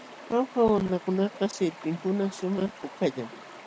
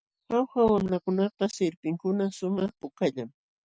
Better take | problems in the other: second | background sound (Stream); 17 dB below the speech

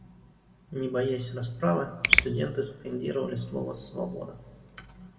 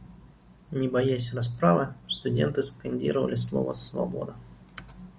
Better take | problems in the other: second | background sound (Finger snapping); 3 dB above the speech // room echo; dies away in 1.1 s

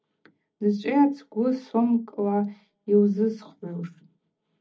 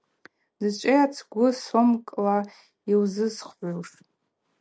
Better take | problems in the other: second | room echo; dies away in 0.4 s

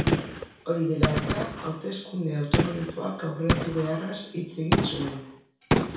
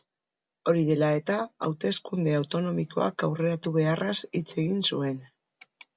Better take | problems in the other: second | background sound (Gunshot, gunfire); 2 dB above the speech // room echo; dies away in 0.6 s

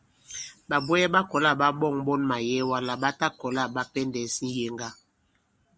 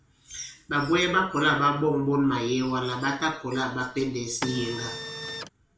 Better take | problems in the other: first | background sound (Printer); 8 dB below the speech // room echo; dies away in 0.4 s

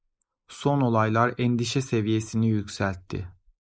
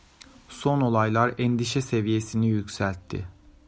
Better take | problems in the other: second | noise reduction (neural mask model Resemble Enhance denoiser)

